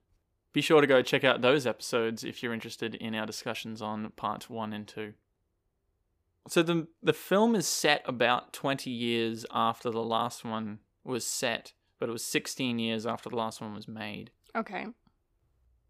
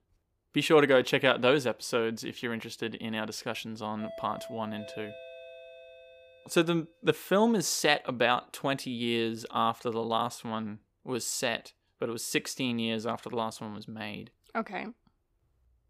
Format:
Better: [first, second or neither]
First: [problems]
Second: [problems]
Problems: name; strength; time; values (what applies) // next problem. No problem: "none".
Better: first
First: none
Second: doorbell; faint; from 4 to 6.5 s; peak 10 dB below the speech